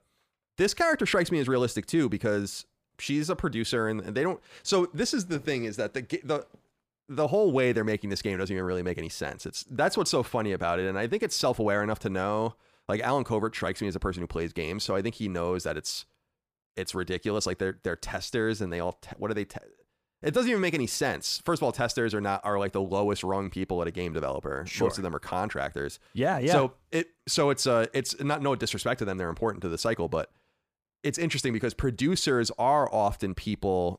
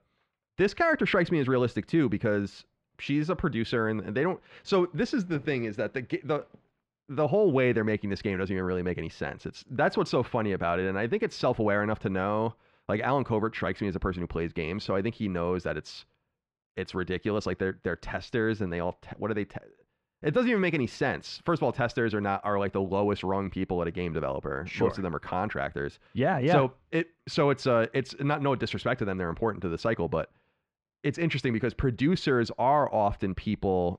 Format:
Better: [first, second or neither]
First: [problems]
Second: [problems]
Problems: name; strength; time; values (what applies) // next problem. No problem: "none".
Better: first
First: none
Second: muffled; slightly; fading above 2.5 kHz